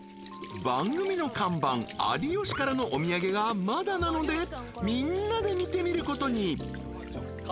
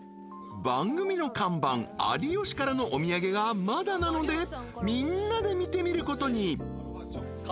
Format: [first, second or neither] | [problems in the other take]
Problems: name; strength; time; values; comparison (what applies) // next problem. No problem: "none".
second | background sound (Squeak / Trickle, dribble / Sink (filling or washing)); 17 dB below the speech